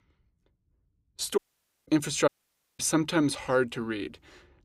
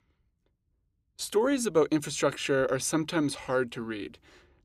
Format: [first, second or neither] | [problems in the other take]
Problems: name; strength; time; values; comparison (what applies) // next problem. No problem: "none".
second | audio cutting out; at 1.5 s and at 2.5 s for 0.5 s